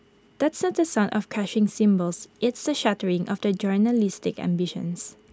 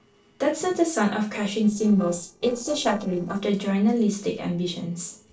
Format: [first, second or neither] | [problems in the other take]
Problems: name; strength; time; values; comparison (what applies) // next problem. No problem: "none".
first | noise reduction (neural separator model SepFormer DNS4)